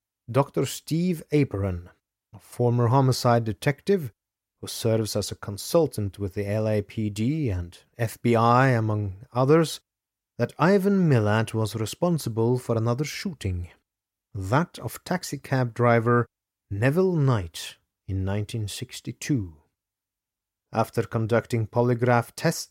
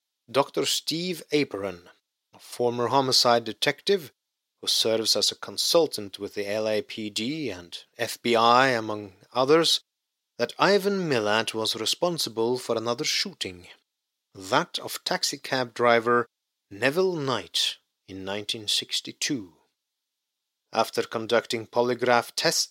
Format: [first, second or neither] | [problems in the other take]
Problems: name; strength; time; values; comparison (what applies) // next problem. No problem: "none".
first | thin; somewhat; fading below 300 Hz